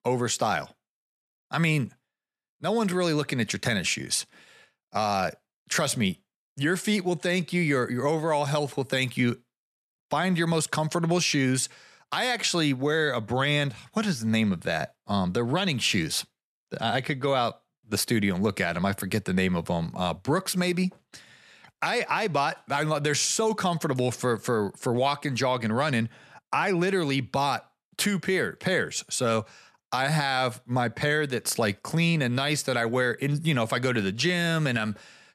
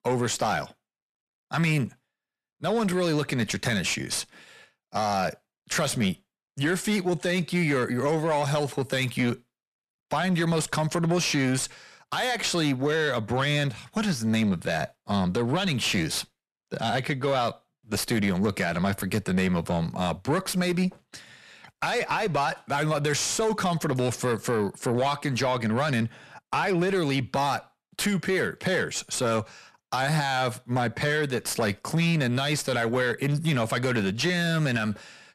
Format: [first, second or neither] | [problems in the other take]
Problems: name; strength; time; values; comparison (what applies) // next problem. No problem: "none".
first | distortion; slight; 10 dB below the speech